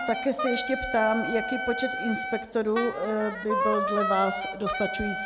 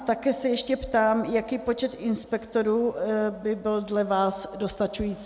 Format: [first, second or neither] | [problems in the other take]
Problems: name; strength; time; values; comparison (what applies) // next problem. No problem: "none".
second | background sound (Wind instrument, woodwind instrument); 3 dB below the speech